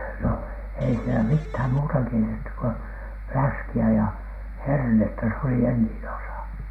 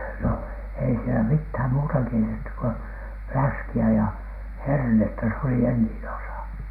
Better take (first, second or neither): second